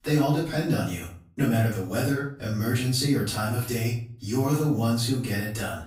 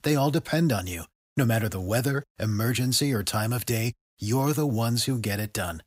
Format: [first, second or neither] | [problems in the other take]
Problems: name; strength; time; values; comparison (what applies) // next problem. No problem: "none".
second | room echo; noticeable; dies away in 0.4 s // off-mic speech; far